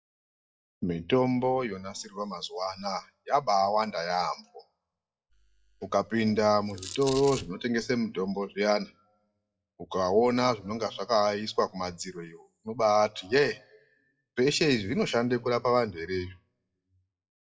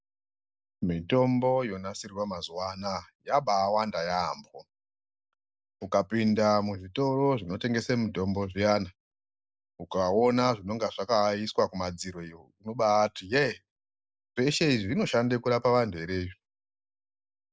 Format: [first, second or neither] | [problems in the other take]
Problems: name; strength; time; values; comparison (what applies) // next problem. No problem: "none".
second | noise reduction (classical method WPE with log-MMSE)